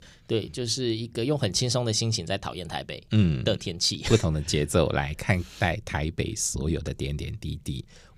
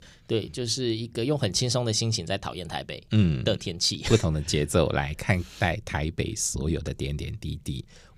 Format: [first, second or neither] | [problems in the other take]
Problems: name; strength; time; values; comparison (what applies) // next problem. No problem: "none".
neither | none